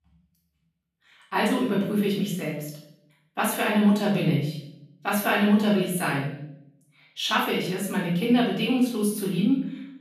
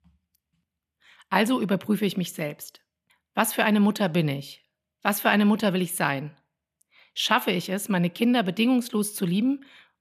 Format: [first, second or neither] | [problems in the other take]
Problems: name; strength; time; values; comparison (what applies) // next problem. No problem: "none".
second | off-mic speech; far // room echo; noticeable; dies away in 0.6 s